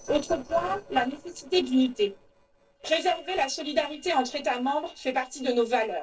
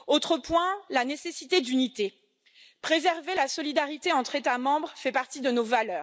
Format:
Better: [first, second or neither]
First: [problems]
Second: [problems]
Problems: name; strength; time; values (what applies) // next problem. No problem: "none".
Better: second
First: noise reduction (neural separator model SepFormer DNS4)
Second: none